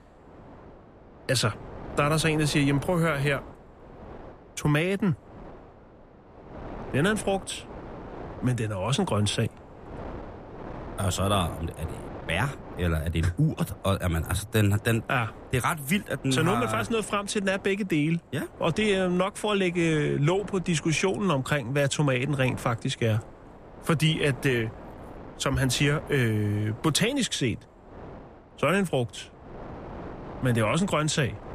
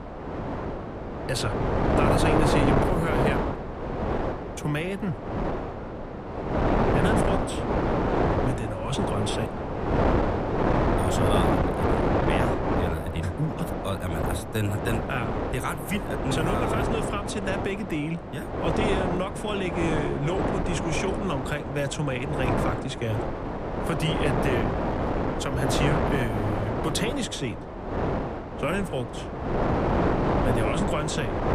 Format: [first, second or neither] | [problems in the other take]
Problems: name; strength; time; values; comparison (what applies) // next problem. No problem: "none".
first | wind noise on the microphone; heavy; 3 dB above the speech; occasional gusts in the first